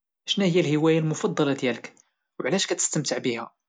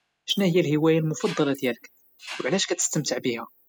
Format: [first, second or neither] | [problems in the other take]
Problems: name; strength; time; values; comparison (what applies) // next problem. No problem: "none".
first | noise reduction (classical method spectral subtraction)